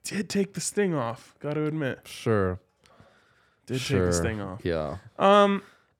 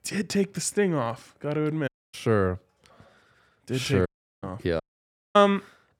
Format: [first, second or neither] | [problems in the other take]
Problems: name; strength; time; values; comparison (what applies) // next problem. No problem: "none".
first | audio cutting out; at 2 s, at 4 s and at 5 s for 0.5 s